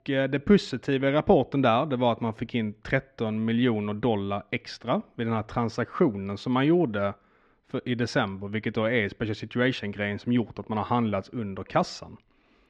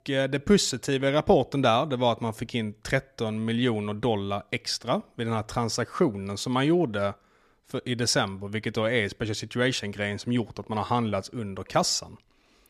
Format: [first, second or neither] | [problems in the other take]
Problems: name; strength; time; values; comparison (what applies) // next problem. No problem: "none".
second | muffled; slightly; fading above 2.5 kHz